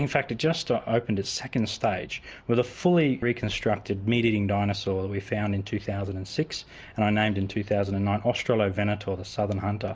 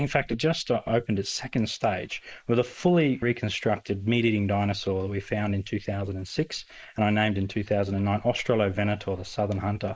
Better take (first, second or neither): first